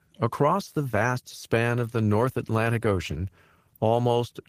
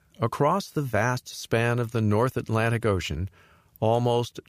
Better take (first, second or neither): second